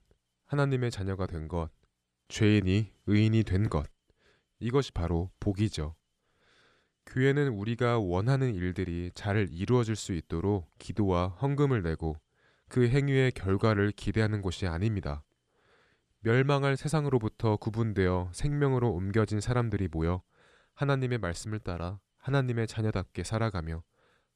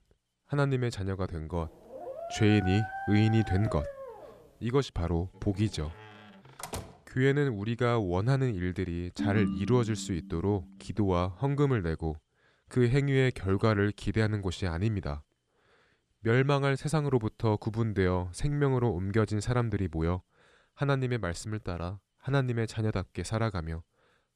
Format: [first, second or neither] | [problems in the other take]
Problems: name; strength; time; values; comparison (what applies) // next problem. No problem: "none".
first | dog barking; noticeable; from 1.5 to 4.5 s; peak 7 dB below the speech // door banging; faint; from 5.5 to 7 s; peak 10 dB below the speech // phone ringing; noticeable; from 9 to 10 s; peak 2 dB below the speech